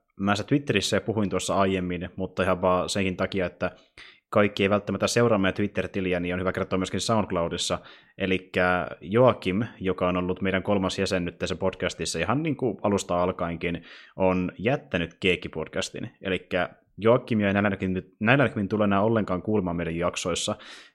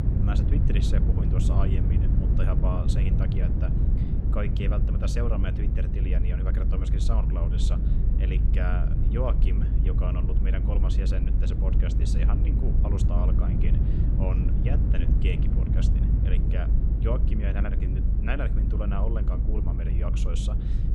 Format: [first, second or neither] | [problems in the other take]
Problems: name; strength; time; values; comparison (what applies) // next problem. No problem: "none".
first | low rumble; loud; throughout; 1 dB below the speech